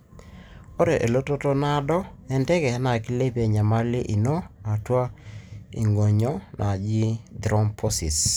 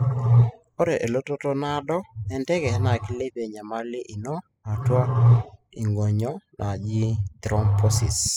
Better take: first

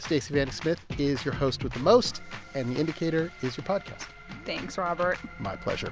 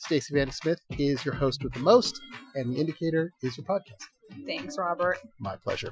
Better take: first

